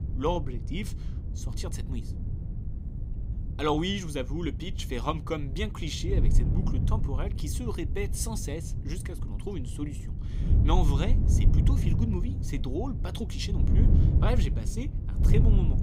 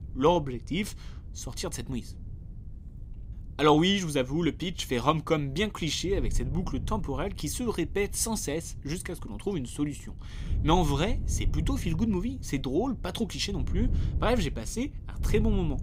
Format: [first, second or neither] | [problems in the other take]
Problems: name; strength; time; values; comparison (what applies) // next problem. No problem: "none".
second | wind noise on the microphone; heavy; 7 dB below the speech; occasional gusts in the second